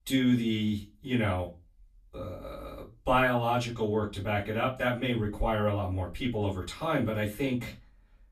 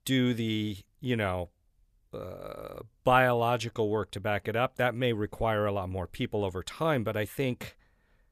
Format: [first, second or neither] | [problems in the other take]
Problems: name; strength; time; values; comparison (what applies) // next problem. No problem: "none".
second | off-mic speech; far // room echo; very slight; dies away in 0.2 s